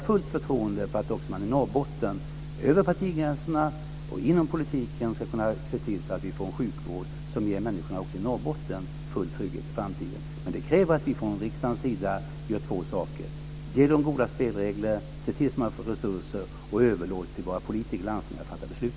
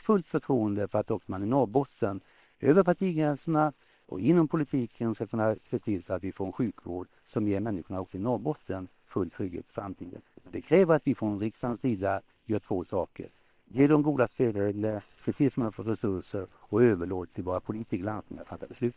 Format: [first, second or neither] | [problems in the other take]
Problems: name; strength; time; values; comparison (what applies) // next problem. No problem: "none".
first | noise reduction (neural separator model SepFormer WHAM!)